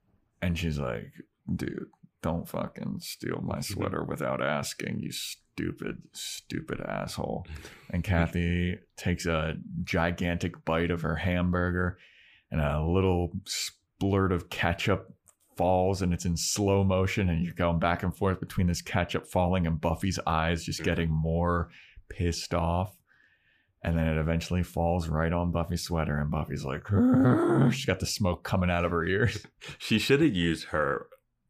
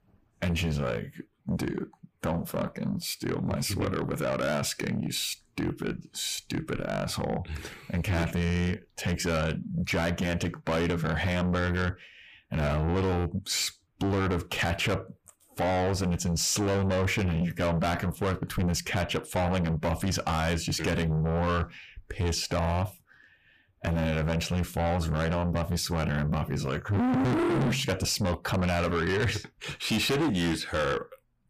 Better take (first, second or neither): first